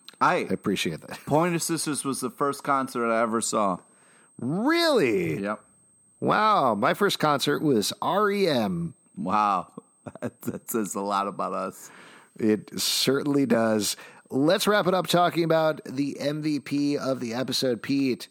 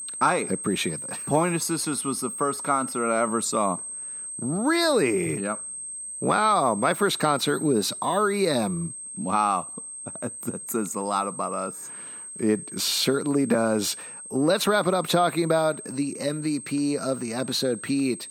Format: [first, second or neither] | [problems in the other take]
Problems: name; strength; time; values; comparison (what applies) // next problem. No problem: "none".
first | high-pitched whine; loud; throughout; 8.5 kHz, 9 dB below the speech; faint in the first